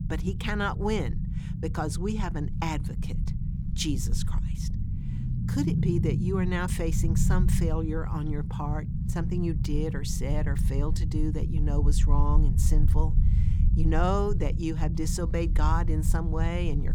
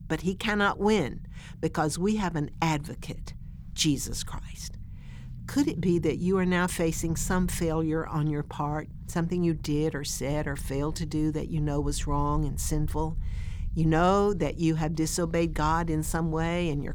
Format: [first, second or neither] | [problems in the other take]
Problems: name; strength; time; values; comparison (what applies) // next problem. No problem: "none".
second | low rumble; loud; throughout; 8 dB below the speech; faint in the second